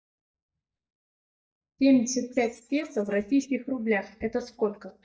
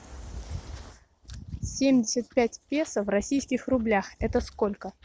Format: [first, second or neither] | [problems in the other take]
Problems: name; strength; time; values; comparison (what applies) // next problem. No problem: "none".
second | noise reduction (neural mask model DeepFilterNet 3)